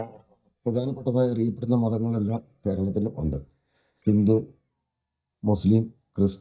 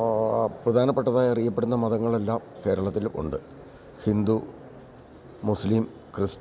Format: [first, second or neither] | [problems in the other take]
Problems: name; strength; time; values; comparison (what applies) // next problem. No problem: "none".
second | noise reduction (neural mask model DeepFilterNet 3)